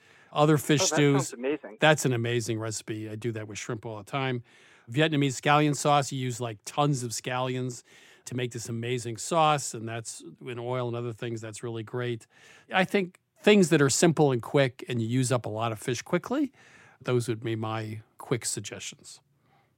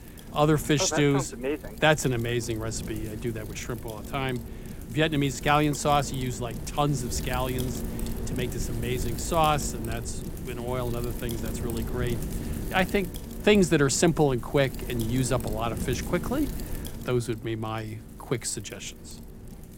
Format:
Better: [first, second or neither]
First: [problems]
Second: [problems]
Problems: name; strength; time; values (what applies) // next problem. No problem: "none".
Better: first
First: none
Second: wind noise on the microphone; occasional gusts; 15 dB below the speech